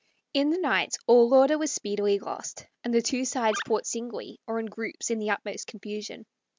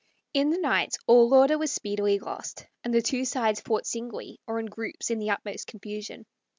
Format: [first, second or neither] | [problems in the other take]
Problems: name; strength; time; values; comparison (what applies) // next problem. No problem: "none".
second | background sound (Animal); 13 dB below the speech